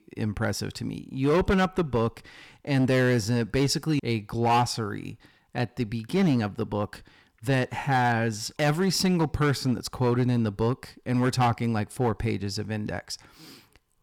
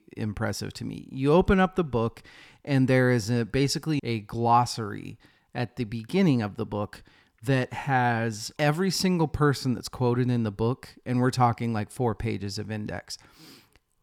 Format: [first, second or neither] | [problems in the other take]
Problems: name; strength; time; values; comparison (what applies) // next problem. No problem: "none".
second | distortion; slight; 6% of the sound clipped